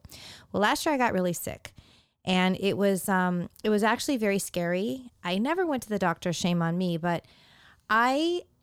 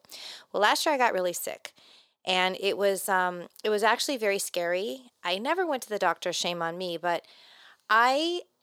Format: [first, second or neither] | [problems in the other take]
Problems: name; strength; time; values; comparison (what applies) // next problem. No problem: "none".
first | thin; somewhat; fading below 500 Hz